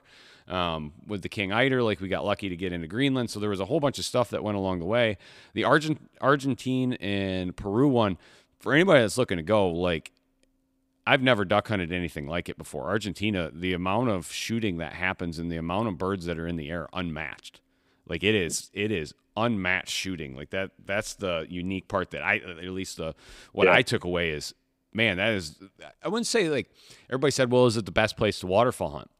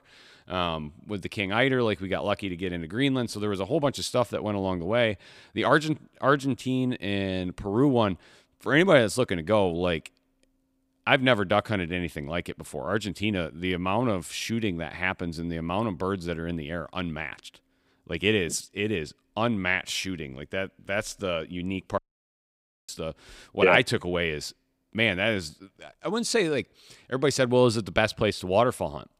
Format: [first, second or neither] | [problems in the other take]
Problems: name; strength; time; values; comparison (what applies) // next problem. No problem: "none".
first | audio cutting out; at 22 s for 1 s